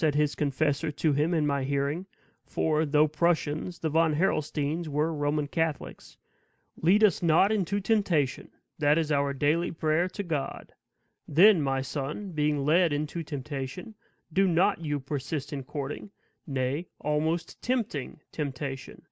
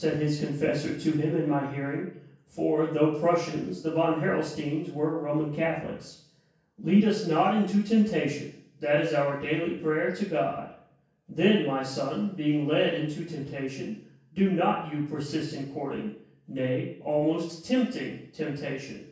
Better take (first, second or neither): first